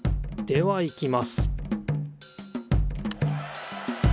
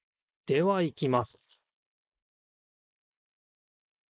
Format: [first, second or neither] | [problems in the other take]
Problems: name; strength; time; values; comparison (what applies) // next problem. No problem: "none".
first | noise reduction (neural mask model Resemble Enhance denoiser)